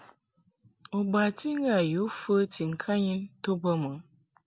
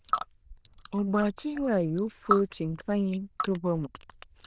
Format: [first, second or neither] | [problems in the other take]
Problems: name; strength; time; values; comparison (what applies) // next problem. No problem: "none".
first | noise reduction (neural diffusion model UNIVERSE++)